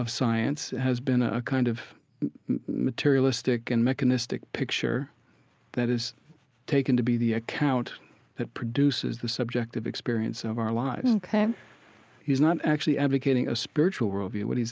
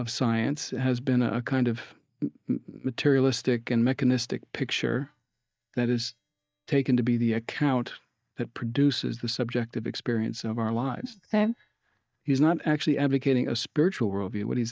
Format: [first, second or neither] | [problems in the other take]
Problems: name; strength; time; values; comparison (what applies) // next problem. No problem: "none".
first | noise reduction (neural mask model DeepFilterNet 3)